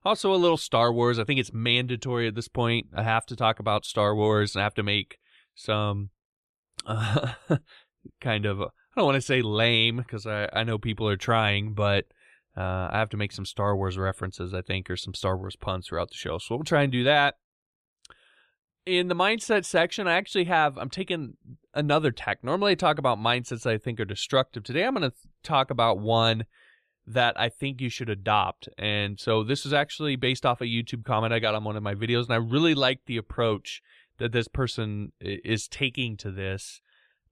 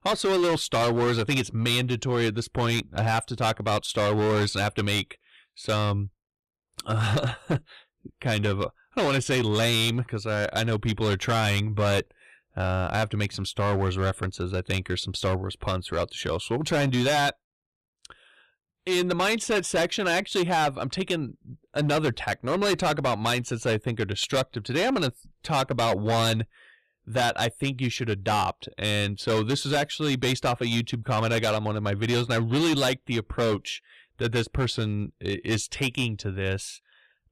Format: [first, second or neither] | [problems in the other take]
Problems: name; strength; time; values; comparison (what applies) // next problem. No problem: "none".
first | distortion; heavy; 12% of the sound clipped